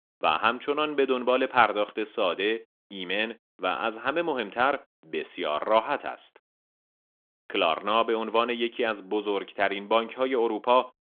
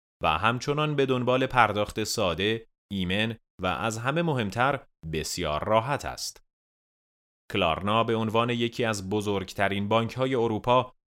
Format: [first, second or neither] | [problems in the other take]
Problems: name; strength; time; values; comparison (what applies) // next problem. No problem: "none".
second | phone-call audio; nothing above 3.5 kHz